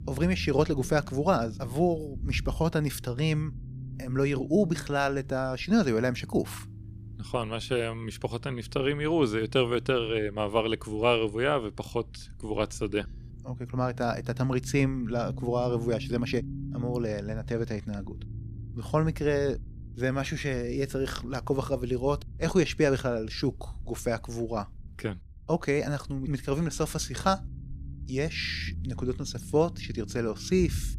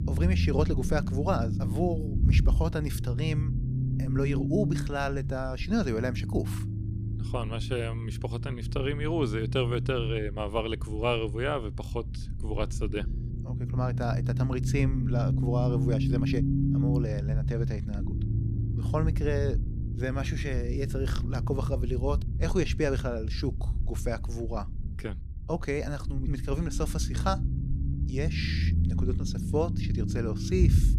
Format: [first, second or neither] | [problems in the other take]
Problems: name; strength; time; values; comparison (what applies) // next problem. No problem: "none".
first | low rumble; loud; throughout; 8 dB below the speech; faint in the first